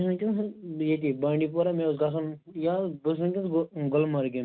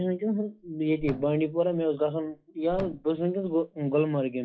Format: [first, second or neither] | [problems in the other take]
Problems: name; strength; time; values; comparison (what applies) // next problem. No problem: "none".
first | noise reduction (classical method log-MMSE)